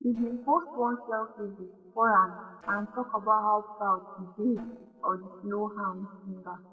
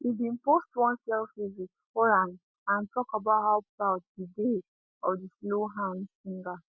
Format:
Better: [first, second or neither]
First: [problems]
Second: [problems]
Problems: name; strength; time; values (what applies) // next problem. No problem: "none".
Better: second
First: noise reduction (neural separator model SepFormer DNS4)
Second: none